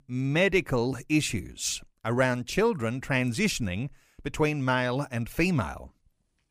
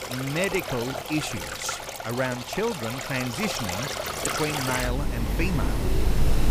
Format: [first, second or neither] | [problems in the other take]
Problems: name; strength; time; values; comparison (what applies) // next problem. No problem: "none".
first | rain or running water; very loud; throughout; as loud as the speech